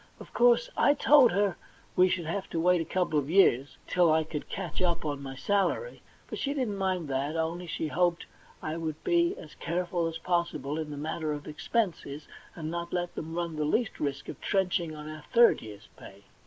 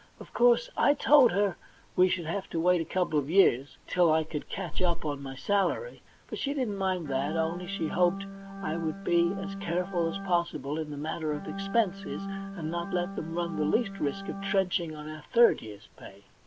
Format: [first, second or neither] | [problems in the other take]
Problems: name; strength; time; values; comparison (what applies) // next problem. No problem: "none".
first | background sound (Organ); 9 dB below the speech